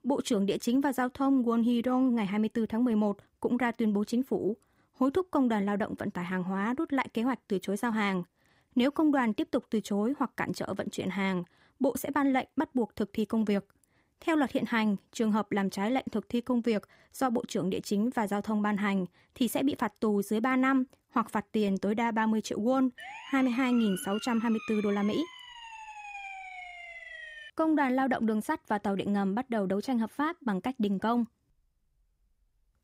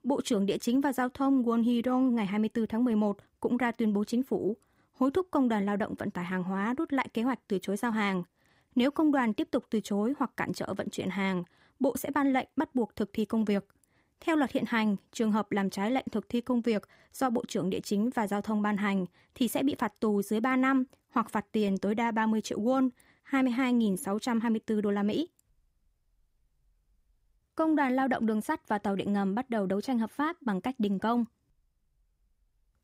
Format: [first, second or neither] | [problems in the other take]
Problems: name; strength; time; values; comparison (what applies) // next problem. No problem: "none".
second | siren; faint; from 23 to 28 s; peak 10 dB below the speech